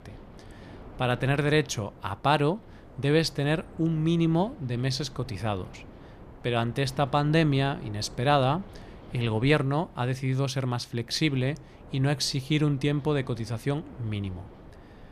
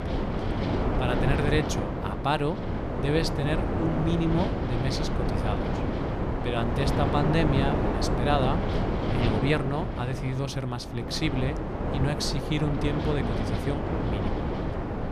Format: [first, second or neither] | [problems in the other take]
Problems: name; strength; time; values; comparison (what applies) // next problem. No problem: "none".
first | wind noise on the microphone; heavy; 1 dB below the speech; occasional gusts in the first